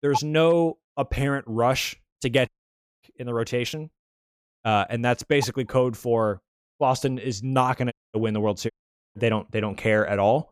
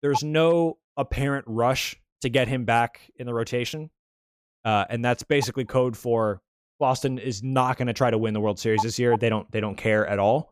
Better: second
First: audio cutting out; at 2.5 s for 0.5 s, at 8 s and at 8.5 s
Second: none

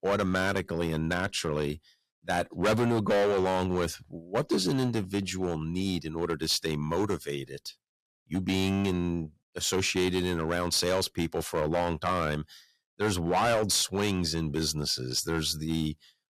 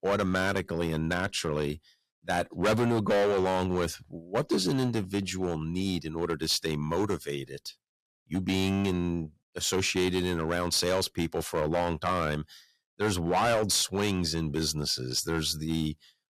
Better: neither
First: distortion; heavy; 7% of the sound clipped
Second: distortion; heavy; 7% of the sound clipped

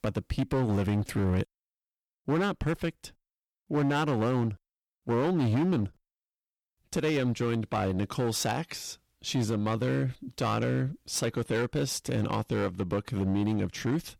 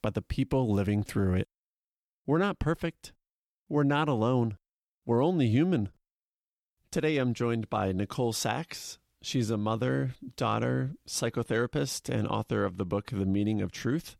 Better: second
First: distortion; slight; 11% of the sound clipped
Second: none

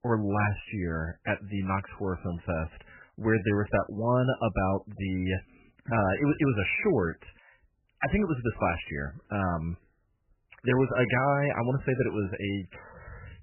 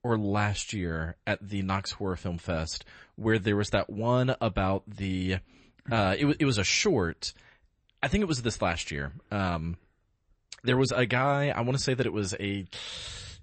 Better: second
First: garbled, watery; badly; nothing above 3 kHz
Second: garbled, watery; slightly; nothing above 8 kHz

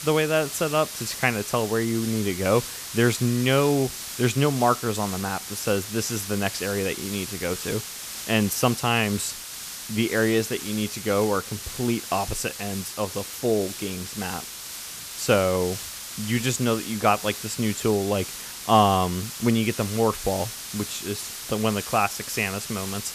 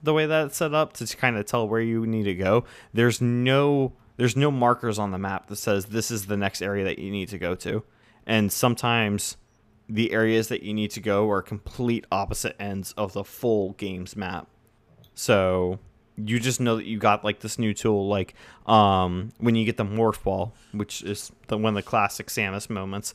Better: second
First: hiss; loud; throughout; 8 dB below the speech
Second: none

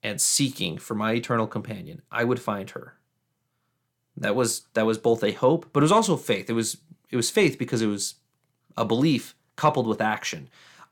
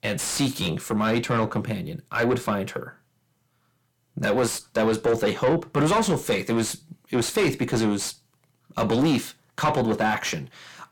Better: first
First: none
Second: distortion; heavy; 7 dB below the speech

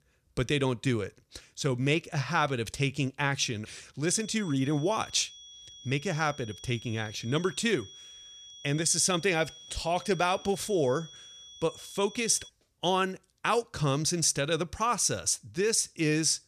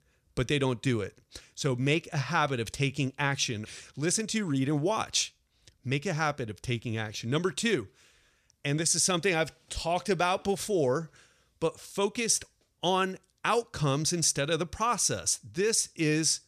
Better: second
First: high-pitched whine; noticeable; from 4 to 12 s; 3.5 kHz, 20 dB below the speech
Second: none

